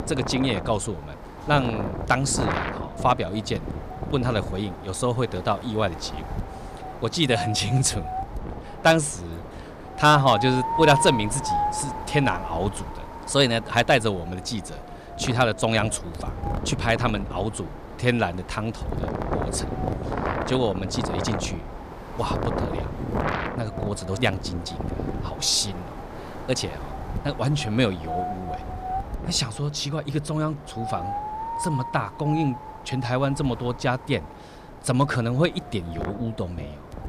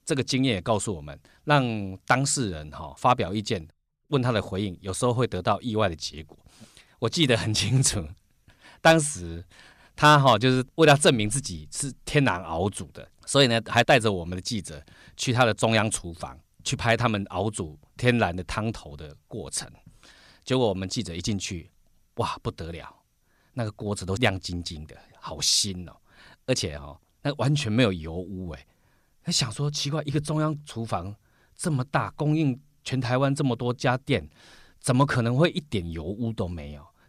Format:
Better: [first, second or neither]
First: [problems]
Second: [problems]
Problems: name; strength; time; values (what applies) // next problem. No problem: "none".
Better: second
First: wind noise on the microphone; heavy; 7 dB below the speech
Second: none